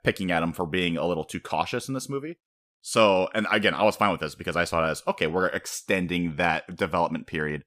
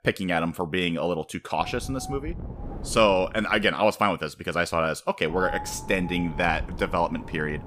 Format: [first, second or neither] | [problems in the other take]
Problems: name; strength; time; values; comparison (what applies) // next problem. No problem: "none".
first | wind noise on the microphone; occasional gusts; from 1.5 to 3.5 s and from 5.5 s on; 15 dB below the speech